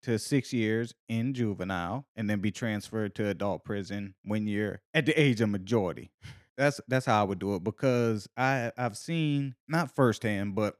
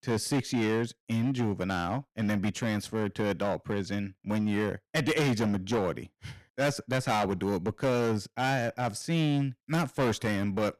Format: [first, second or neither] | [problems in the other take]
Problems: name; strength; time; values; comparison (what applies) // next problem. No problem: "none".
first | distortion; heavy; 12% of the sound clipped